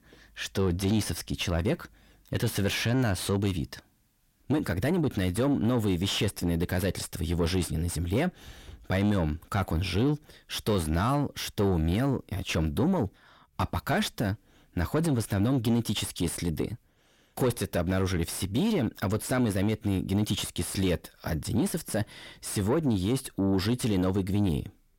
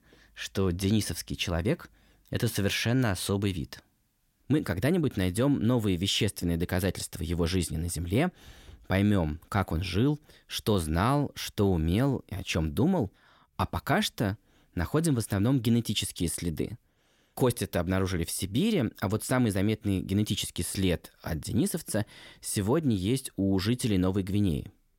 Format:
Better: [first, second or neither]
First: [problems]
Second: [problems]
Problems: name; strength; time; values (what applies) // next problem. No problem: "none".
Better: second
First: distortion; slight; 10 dB below the speech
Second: none